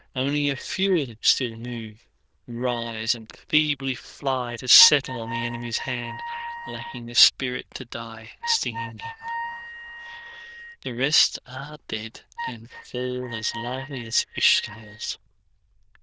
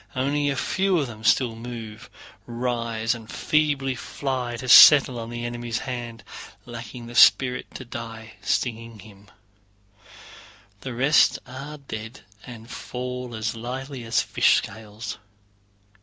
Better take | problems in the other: second | noise reduction (neural diffusion model UNIVERSE++)

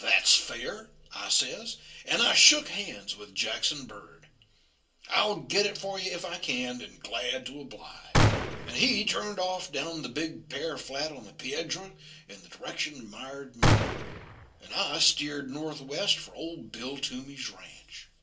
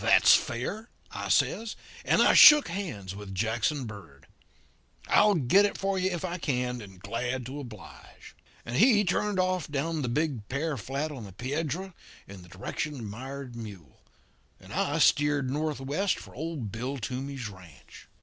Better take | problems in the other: second | background sound (Gunshot, gunfire); 4 dB above the speech // room echo; dies away in 0.2 s

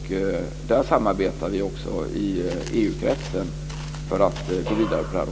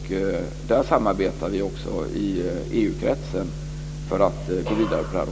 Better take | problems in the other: second | background sound (Walk, footsteps); 19 dB below the speech

